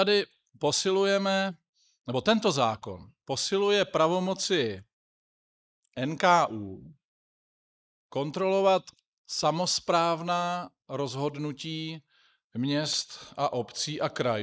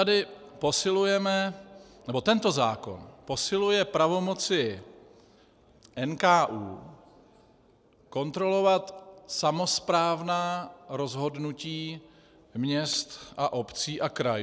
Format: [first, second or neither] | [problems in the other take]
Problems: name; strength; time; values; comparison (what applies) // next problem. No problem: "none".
second | noise reduction (neural mask model Resemble Enhance denoiser)